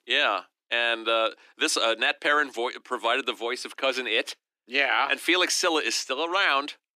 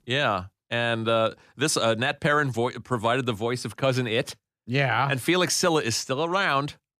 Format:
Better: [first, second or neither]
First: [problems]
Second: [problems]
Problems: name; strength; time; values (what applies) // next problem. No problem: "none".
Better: second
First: thin; somewhat; fading below 300 Hz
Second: none